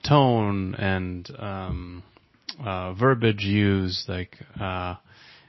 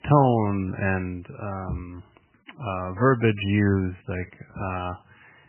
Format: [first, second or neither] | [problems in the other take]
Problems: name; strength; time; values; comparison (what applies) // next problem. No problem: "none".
first | garbled, watery; badly; nothing above 3 kHz; slightly in the first